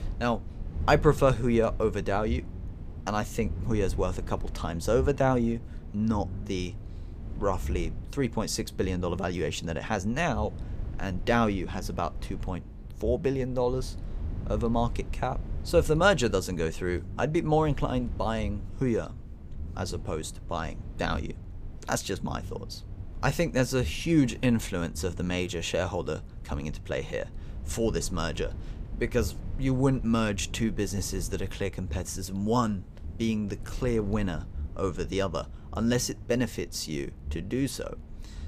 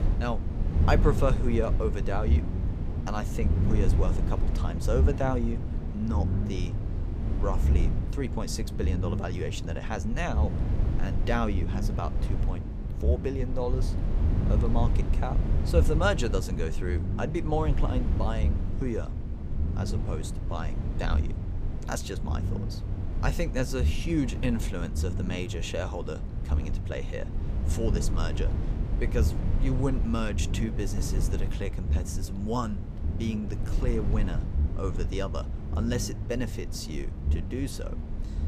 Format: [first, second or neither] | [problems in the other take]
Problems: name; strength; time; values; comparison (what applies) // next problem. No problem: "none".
first | low rumble; loud; throughout; 8 dB below the speech; faint in the first